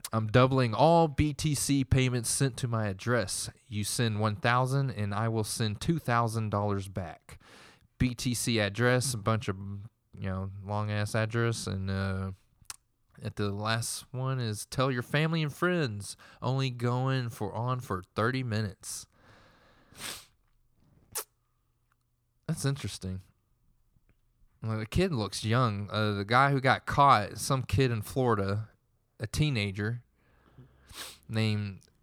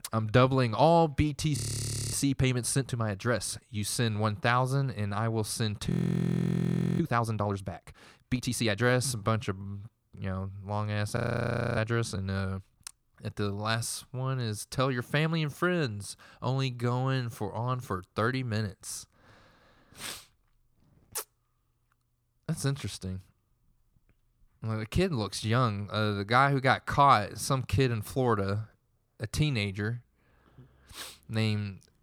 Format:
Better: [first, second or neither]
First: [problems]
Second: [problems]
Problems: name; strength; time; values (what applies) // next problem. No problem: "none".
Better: first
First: none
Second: audio freezing; at 1.5 s for 0.5 s, at 6 s for 1 s and at 11 s for 0.5 s